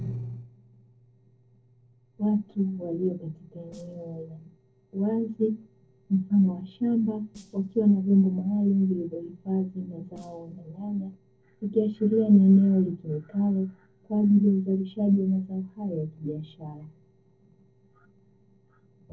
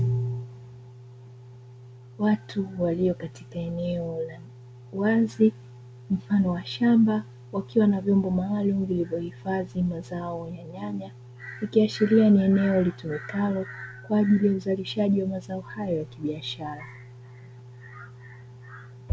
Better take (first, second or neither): second